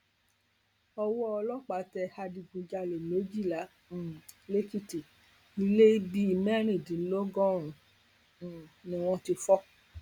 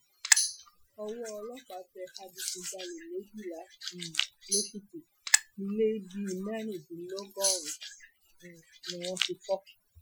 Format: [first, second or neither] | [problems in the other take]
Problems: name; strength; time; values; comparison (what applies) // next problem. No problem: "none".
first | noise reduction (classical method Wiener filter)